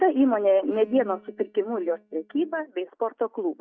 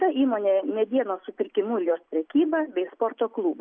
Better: second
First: noise reduction (neural mask model DeepFilterNet 3)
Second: none

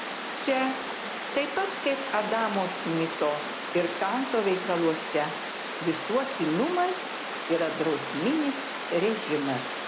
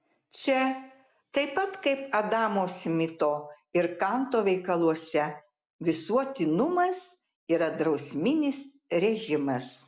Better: second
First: background sound (Water); 5 dB below the speech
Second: none

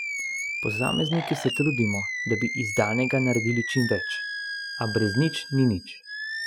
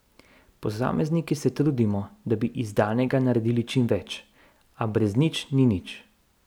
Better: second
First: noise reduction (classical method spectral subtraction)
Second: none

